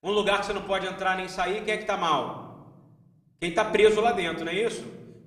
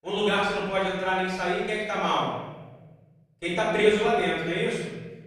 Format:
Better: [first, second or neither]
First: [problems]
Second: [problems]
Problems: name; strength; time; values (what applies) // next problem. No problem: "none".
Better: first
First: room echo; slight; dies away in 1.1 s // off-mic speech; somewhat distant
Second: room echo; strong; dies away in 1.5 s // off-mic speech; far